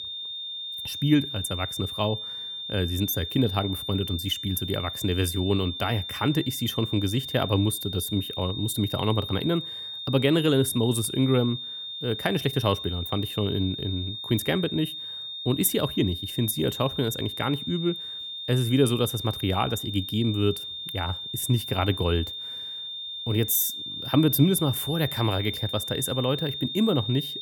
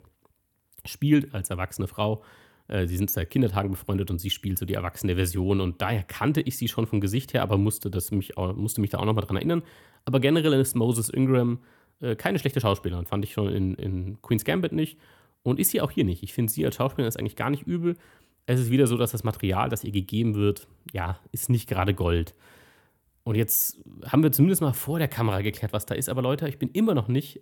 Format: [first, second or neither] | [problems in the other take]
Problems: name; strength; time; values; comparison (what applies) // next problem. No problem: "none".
second | high-pitched whine; loud; throughout; 3.5 kHz, 6 dB below the speech